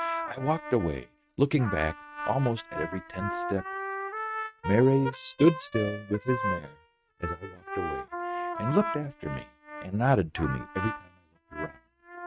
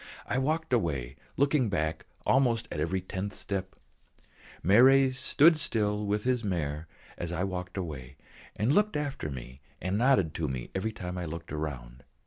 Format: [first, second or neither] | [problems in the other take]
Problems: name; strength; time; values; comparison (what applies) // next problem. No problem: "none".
second | noise reduction (neural mask model RNNoise)